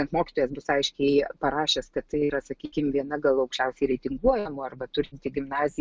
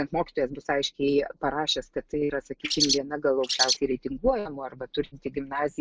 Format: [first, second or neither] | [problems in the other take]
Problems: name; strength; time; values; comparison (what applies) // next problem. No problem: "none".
first | noise reduction (neural mask model Resemble Enhance denoiser)